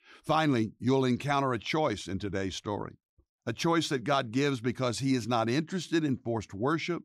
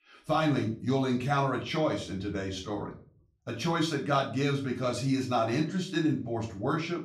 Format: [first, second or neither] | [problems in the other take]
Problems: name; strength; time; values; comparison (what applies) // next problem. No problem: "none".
first | off-mic speech; far // room echo; slight; dies away in 0.3 s